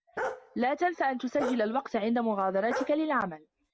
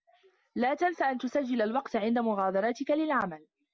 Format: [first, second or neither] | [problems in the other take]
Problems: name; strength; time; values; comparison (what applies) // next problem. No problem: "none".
second | background sound (Bark); 10 dB below the speech